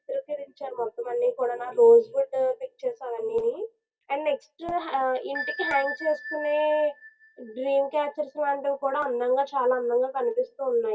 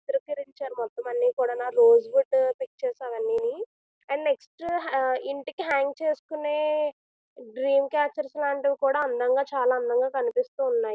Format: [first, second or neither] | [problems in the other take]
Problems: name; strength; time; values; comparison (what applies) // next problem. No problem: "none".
second | noise reduction (classical method WPE with log-MMSE)